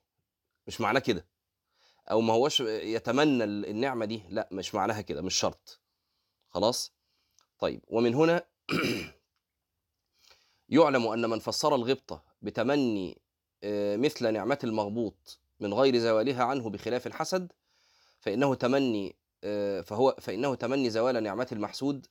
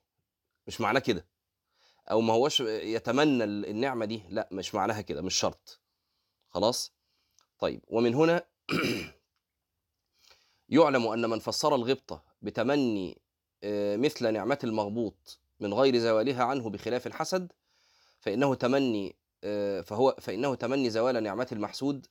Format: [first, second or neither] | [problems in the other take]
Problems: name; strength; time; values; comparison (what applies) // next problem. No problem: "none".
neither | none